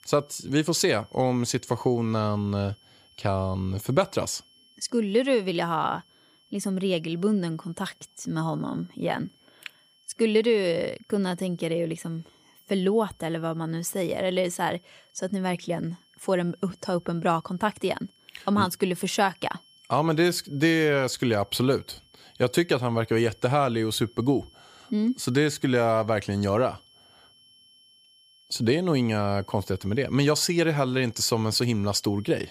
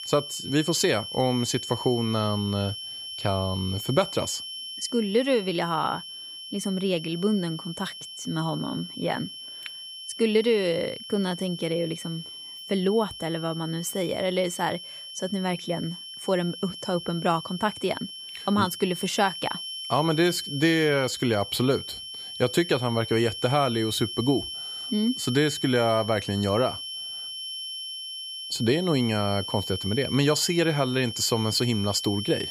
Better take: first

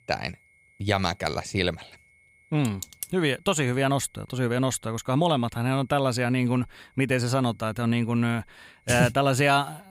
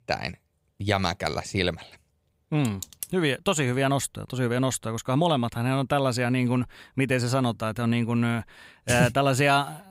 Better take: second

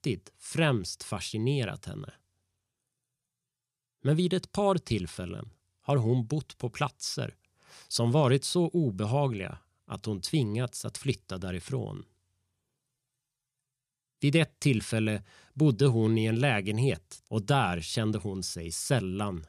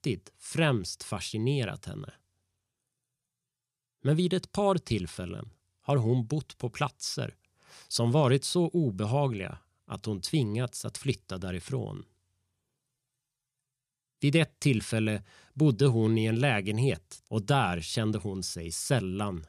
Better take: neither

